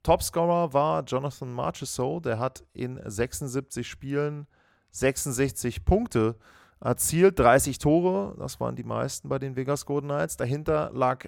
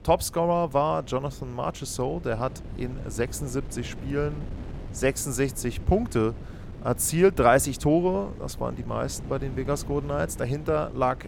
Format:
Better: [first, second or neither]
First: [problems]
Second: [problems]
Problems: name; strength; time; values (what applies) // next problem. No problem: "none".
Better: first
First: none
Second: wind noise on the microphone; occasional gusts; 20 dB below the speech